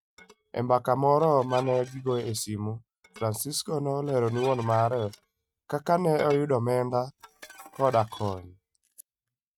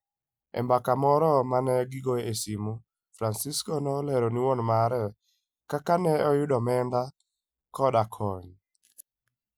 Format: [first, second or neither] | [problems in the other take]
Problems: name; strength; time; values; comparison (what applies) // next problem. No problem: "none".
second | noise reduction (neural mask model RNNoise)